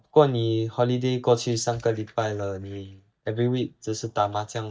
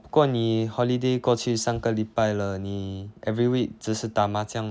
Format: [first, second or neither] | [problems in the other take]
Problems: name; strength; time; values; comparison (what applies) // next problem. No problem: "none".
second | noise reduction (neural mask model DeepFilterNet 3)